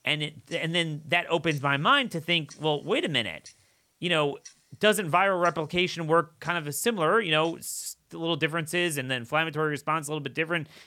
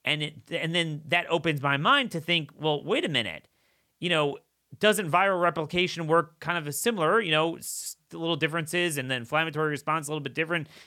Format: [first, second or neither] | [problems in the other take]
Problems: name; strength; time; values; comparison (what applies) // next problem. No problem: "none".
second | household noises; faint; throughout; 25 dB below the speech